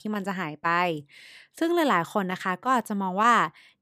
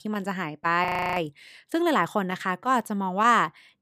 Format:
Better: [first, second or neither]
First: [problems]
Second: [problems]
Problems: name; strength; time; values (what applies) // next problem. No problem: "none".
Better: first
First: none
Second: audio freezing; at 1 s